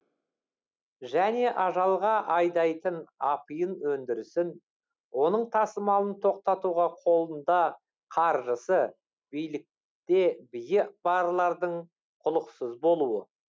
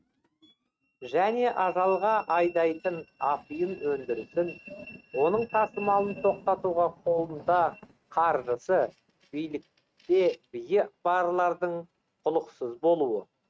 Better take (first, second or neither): first